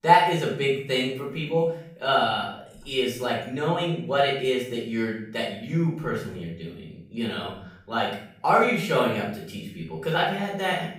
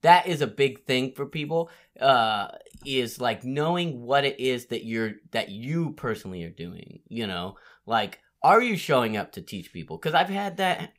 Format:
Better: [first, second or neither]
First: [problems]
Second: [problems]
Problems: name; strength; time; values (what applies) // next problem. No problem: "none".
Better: second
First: room echo; noticeable; dies away in 0.6 s // off-mic speech; far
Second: none